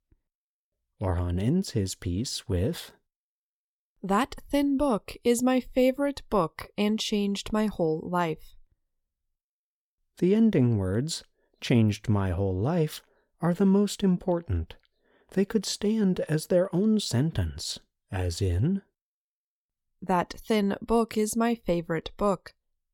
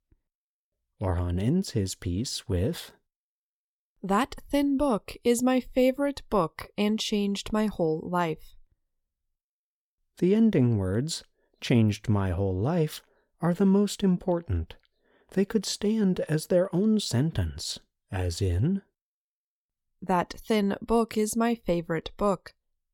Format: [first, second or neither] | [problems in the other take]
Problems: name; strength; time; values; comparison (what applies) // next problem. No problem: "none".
neither | none